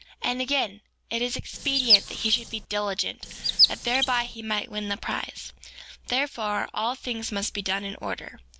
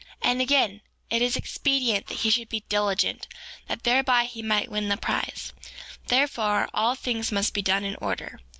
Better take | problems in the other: second | background sound (Chirp, tweet); 4 dB above the speech

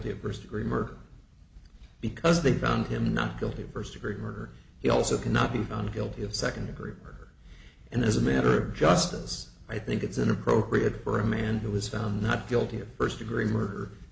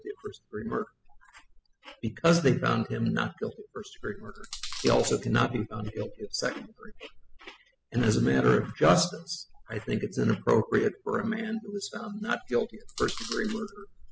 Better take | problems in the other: first | noise reduction (classical method spectral subtraction)

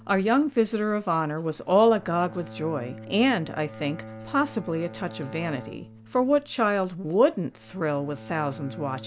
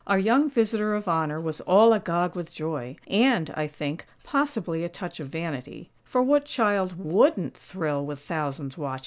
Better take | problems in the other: second | background sound (Bowed string instrument); 17 dB below the speech

